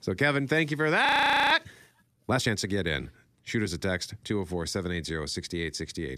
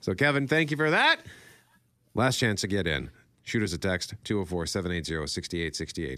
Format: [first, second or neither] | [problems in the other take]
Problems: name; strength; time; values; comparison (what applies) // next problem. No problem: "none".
second | audio freezing; at 1 s